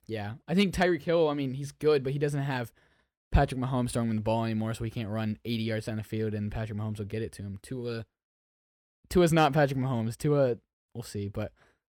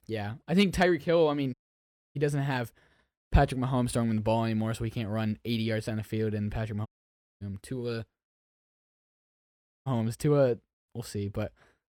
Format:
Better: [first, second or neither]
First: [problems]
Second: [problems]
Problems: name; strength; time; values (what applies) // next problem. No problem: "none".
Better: first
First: none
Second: audio cutting out; at 1.5 s for 0.5 s, at 7 s for 0.5 s and at 9 s for 1 s